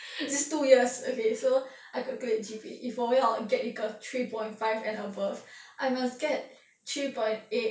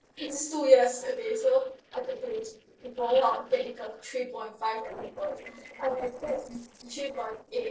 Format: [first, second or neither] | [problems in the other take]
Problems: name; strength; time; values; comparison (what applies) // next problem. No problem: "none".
first | noise reduction (neural separator model SepFormer DNS4)